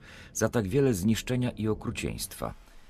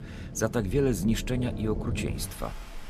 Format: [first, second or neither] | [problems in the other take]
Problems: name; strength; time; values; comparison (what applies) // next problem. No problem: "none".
first | rain or running water; loud; throughout; 7 dB below the speech; faint in the first